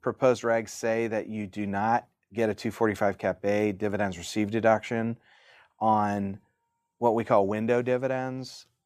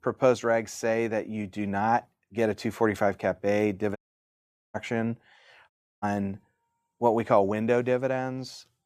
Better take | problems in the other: first | audio cutting out; at 4 s for 1 s and at 5.5 s

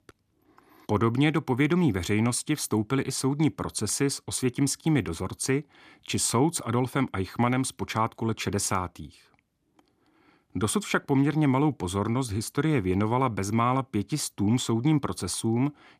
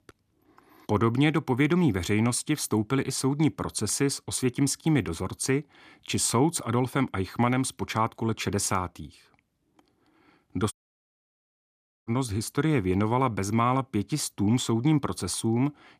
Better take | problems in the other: first | audio cutting out; at 11 s for 1.5 s

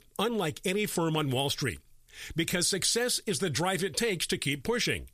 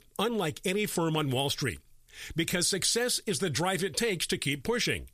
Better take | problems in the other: neither | none

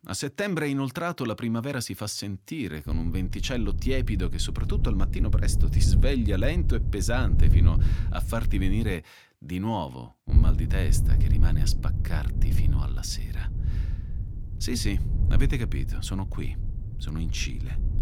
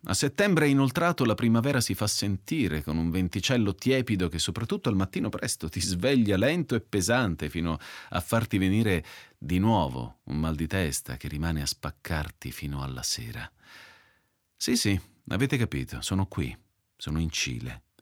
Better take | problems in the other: second | low rumble; loud; from 3 to 9 s and from 10 s on; 10 dB below the speech

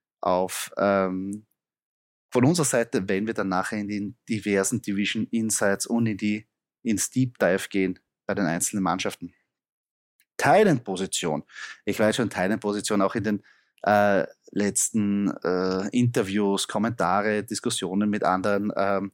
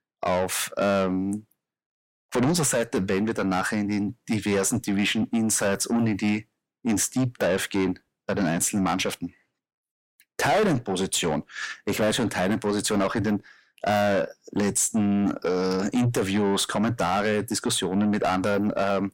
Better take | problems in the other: first | distortion; heavy; 8 dB below the speech

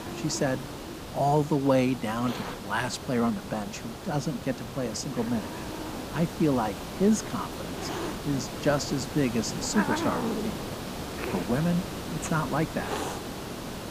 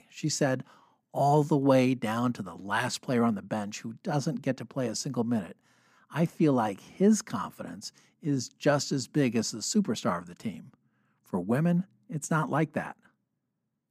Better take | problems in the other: second | hiss; loud; throughout; 6 dB below the speech

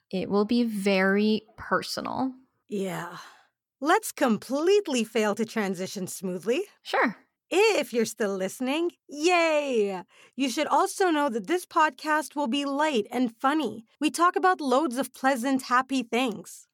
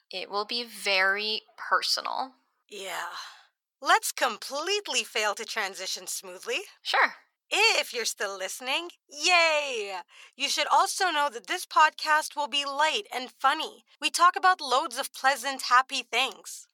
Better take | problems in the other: first | thin; very; fading below 850 Hz

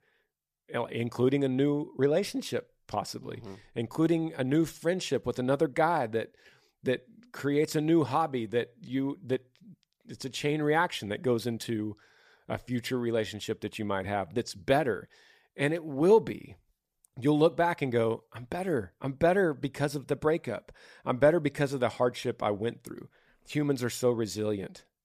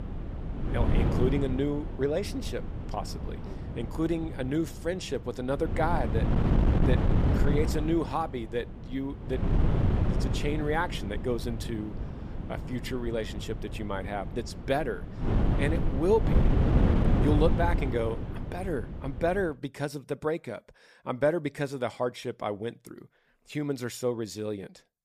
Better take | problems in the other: first | wind noise on the microphone; heavy; until 20 s; 5 dB below the speech

